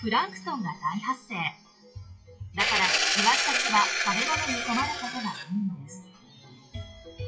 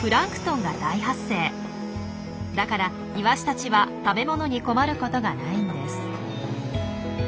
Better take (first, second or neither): second